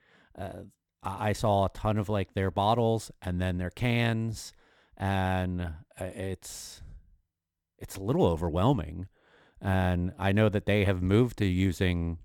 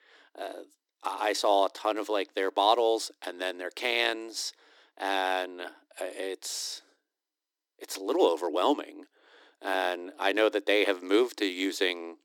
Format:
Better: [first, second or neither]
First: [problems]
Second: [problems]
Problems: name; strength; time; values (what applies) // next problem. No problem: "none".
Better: first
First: none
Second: thin; very; fading below 300 Hz